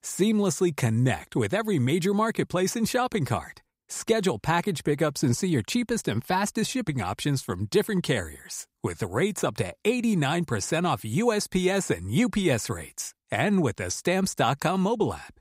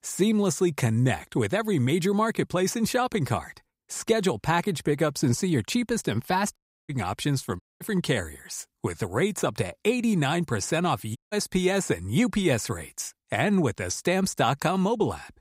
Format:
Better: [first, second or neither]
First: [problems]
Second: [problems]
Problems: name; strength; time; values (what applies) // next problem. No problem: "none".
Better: first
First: none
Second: audio cutting out; at 6.5 s, at 7.5 s and at 11 s